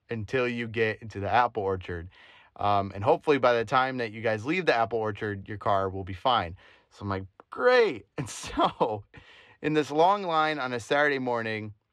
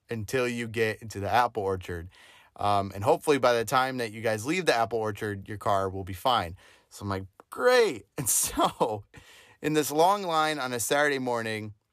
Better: second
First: muffled; slightly; fading above 3 kHz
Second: none

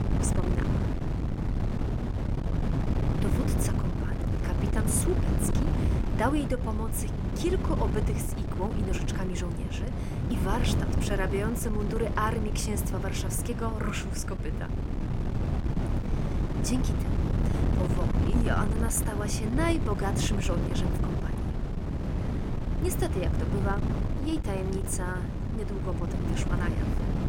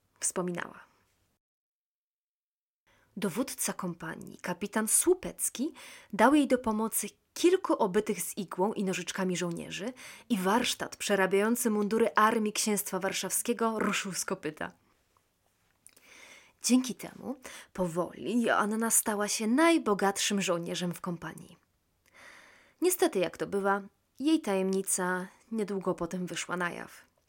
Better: second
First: wind noise on the microphone; heavy; 3 dB below the speech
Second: none

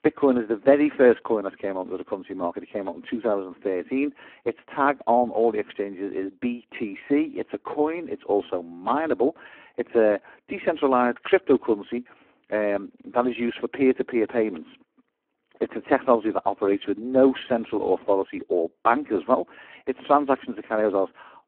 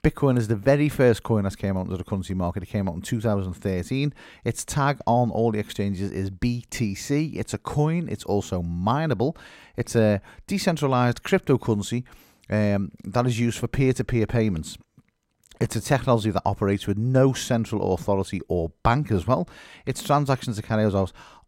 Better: second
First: phone-call audio; poor line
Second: none

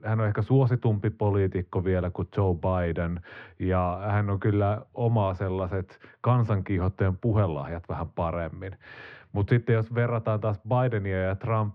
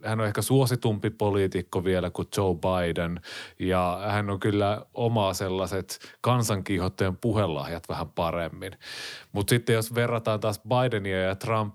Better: second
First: muffled; very; fading above 2 kHz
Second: none

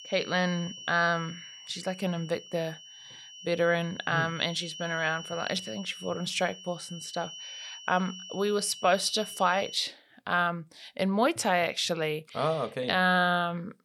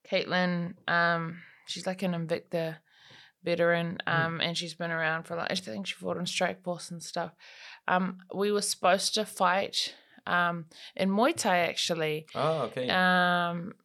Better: second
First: high-pitched whine; noticeable; until 10 s; 3 kHz, 15 dB below the speech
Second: none

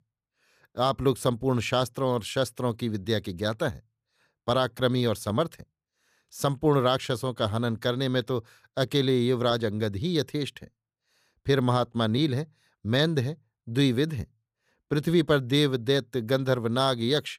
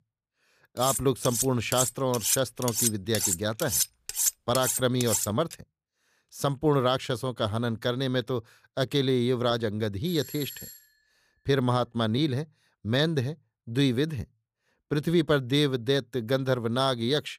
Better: first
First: none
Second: clattering dishes; loud; from 1 to 5.5 s; peak 2 dB above the speech // doorbell; faint; at 10 s; peak 10 dB below the speech

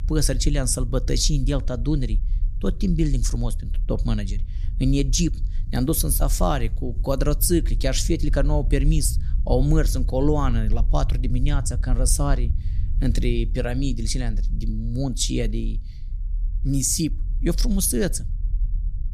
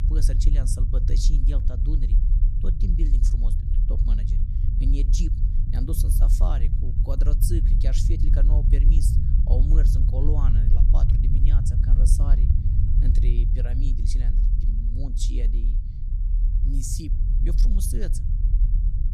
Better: first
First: low rumble; faint; throughout; 20 dB below the speech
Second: low rumble; loud; throughout; 2 dB below the speech

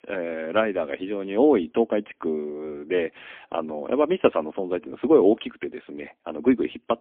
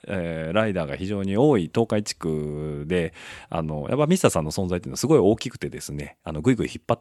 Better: second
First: phone-call audio; poor line; nothing above 3.5 kHz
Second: none

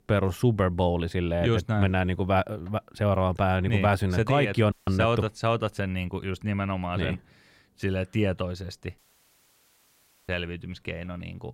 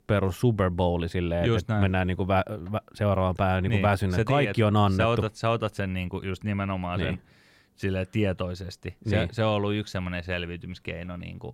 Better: second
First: audio cutting out; at 4.5 s and at 9 s for 1.5 s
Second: none

